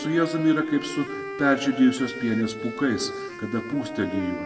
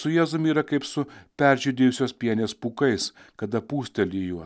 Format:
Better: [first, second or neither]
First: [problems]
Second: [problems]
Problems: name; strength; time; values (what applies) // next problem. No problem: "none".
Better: second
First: background sound (Wind instrument, woodwind instrument); 10 dB below the speech // room echo; dies away in 1.2 s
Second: none